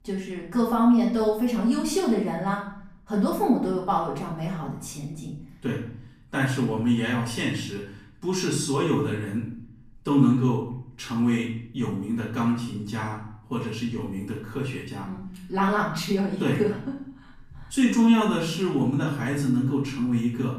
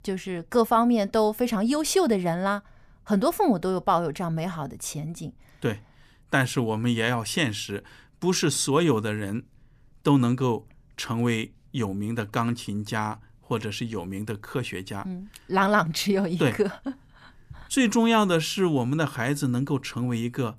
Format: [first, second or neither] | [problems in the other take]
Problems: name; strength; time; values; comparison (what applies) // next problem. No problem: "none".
second | off-mic speech; far // room echo; noticeable; dies away in 0.6 s